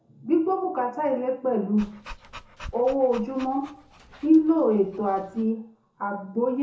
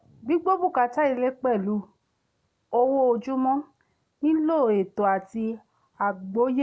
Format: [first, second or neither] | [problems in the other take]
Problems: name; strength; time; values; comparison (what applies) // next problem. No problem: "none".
second | background sound (Dog); 19 dB below the speech // room echo; dies away in 0.6 s